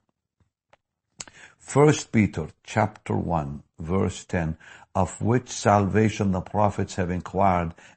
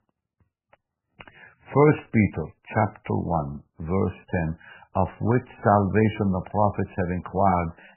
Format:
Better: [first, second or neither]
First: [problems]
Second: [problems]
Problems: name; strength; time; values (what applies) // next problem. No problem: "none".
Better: first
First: garbled, watery; slightly; nothing above 8 kHz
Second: garbled, watery; badly; nothing above 2.5 kHz